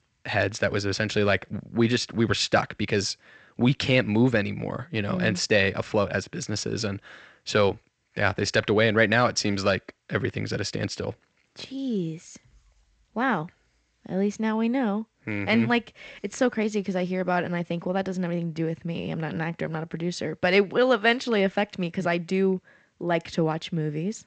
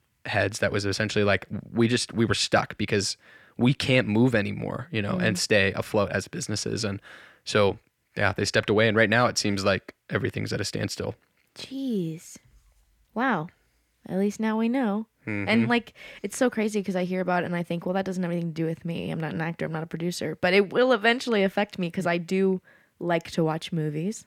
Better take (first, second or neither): second